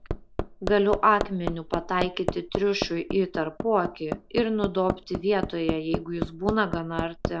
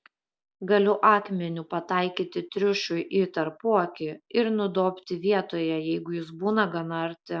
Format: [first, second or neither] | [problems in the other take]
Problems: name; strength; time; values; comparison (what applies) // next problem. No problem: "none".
second | background sound (Hammer); 6 dB below the speech